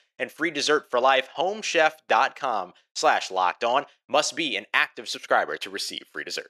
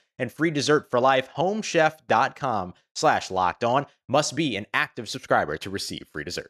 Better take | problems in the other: second | thin; somewhat; fading below 400 Hz

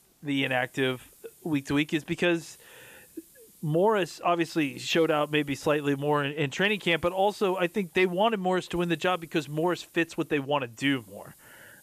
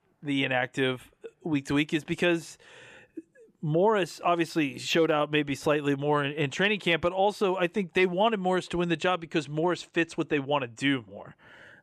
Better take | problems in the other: second | hiss; faint; throughout; 30 dB below the speech

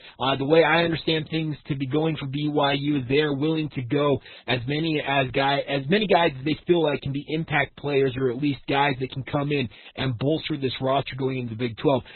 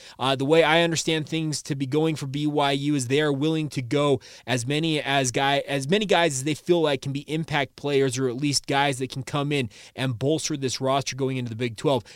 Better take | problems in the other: second | garbled, watery; badly; nothing above 4 kHz

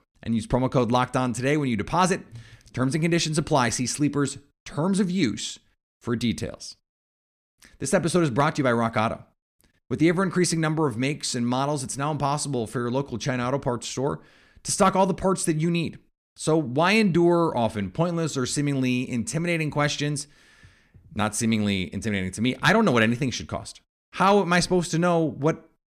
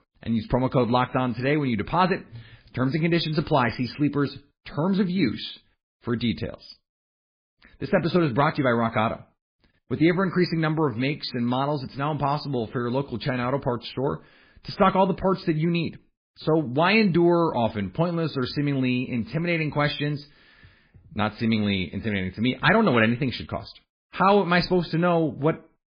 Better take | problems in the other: first | garbled, watery; badly; nothing above 4 kHz

